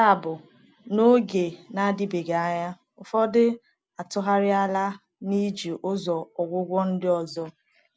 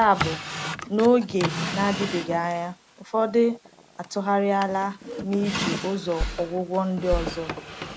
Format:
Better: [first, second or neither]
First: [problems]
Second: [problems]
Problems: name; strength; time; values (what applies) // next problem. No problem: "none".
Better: first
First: none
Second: background sound (Drawer open or close + Bass drum); 7 dB below the speech